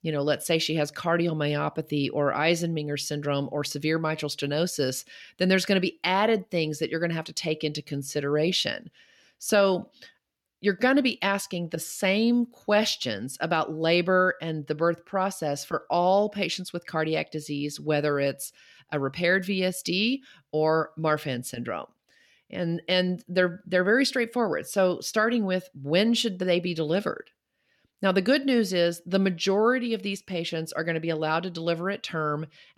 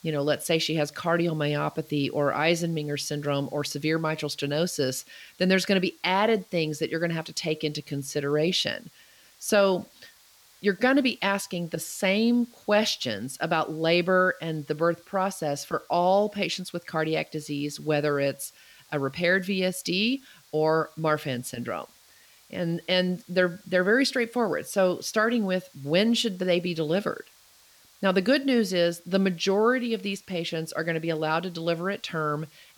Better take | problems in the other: first | hiss; faint; throughout; 30 dB below the speech

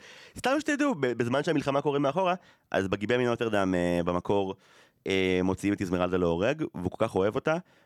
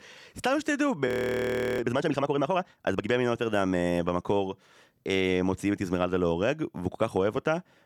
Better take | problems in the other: first | audio freezing; at 1 s for 0.5 s

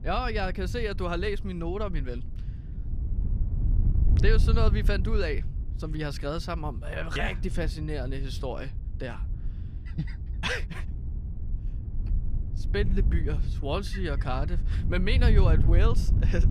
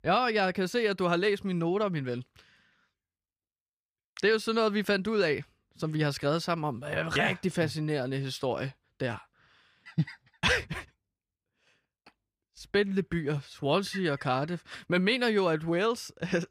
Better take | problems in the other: second | wind noise on the microphone; occasional gusts; 15 dB below the speech

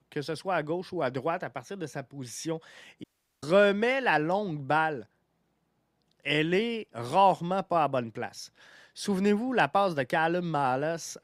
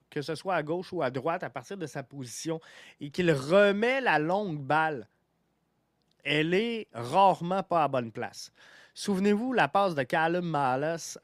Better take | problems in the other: second | audio cutting out; at 3 s

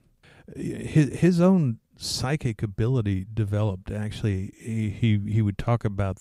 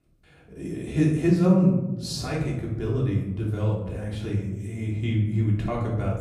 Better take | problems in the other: first | off-mic speech; far // room echo; noticeable; dies away in 1 s

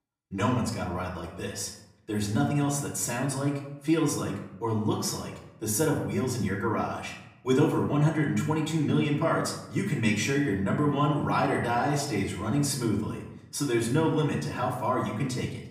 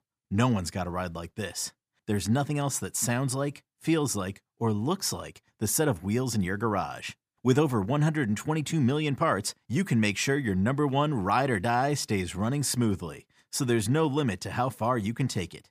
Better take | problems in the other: second | off-mic speech; far // room echo; slight; dies away in 0.7 s

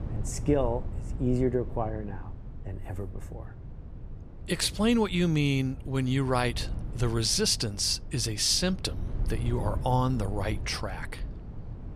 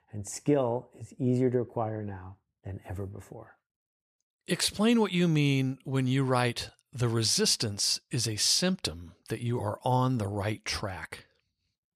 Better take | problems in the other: second | low rumble; faint; throughout; 20 dB below the speech

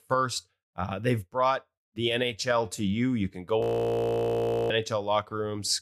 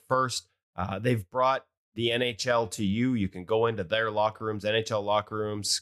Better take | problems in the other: second | audio freezing; at 3.5 s for 1 s

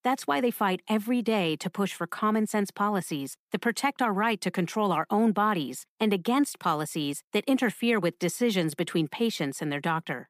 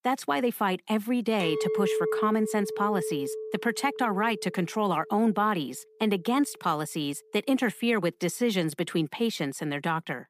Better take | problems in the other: first | clattering dishes; loud; from 1.5 to 5.5 s; peak level with the speech

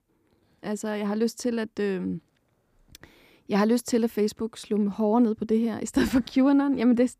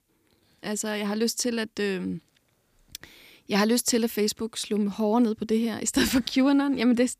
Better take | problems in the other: second | muffled; slightly; fading above 2 kHz

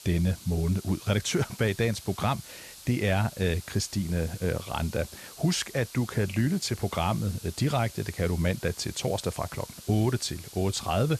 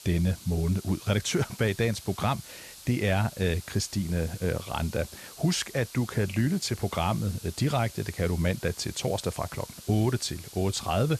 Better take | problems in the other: neither | hiss; noticeable; throughout; 15 dB below the speech; the same in both

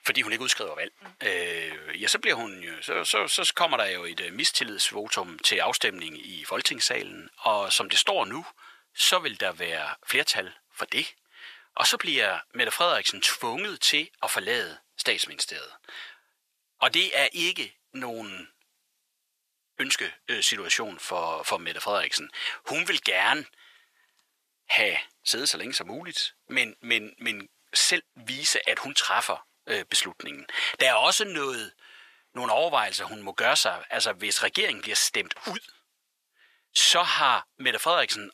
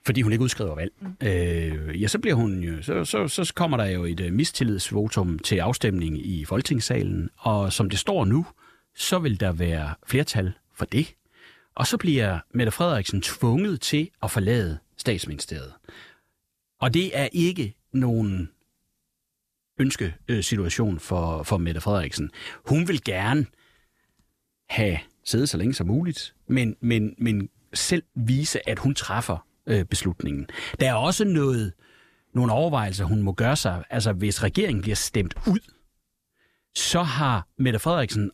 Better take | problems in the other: second | thin; very; fading below 750 Hz

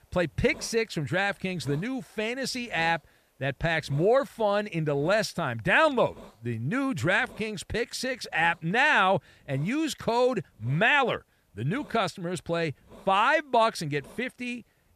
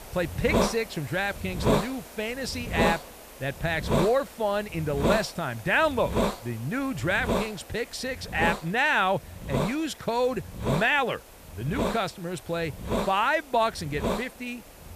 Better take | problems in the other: first | hiss; loud; throughout; 2 dB below the speech; faint in the first

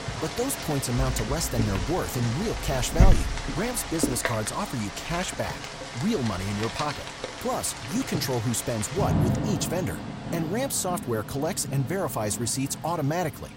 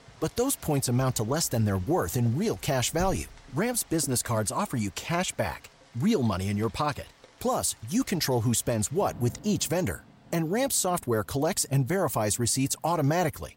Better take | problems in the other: second | rain or running water; loud; throughout; 3 dB below the speech; faint in the second

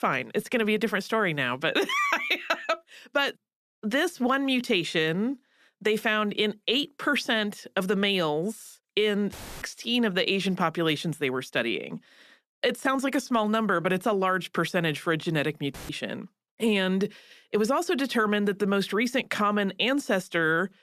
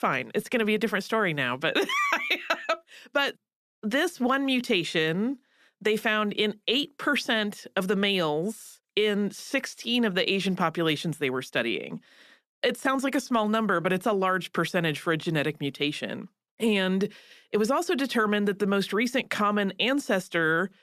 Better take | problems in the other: second | audio cutting out; filled with static; at 9.5 s and at 16 s

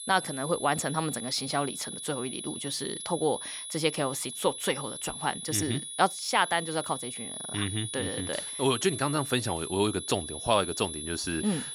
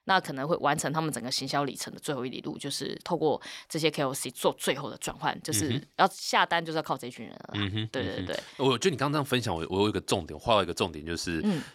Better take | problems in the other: second | high-pitched whine; loud; throughout; 10.5 kHz, 6 dB below the speech

